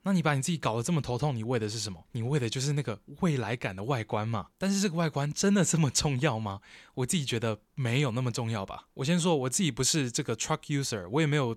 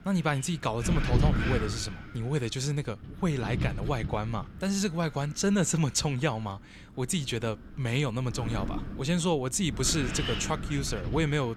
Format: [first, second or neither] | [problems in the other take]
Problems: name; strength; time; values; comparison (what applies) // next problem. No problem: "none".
first | wind noise on the microphone; heavy; 6 dB below the speech